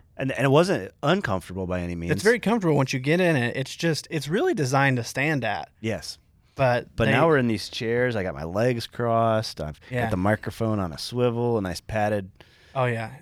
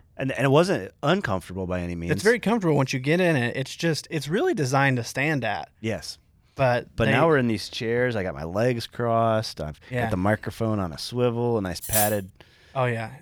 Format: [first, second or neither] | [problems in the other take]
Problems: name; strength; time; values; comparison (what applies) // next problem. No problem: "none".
first | clattering dishes; loud; at 12 s; peak 1 dB above the speech